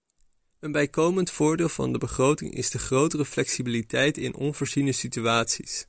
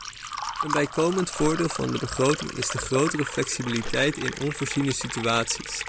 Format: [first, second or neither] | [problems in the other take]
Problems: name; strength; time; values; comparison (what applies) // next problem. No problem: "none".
first | background sound (Crushing + Liquid); 7 dB below the speech